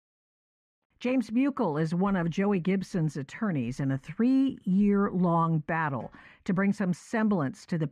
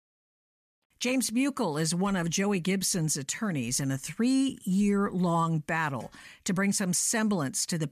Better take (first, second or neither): second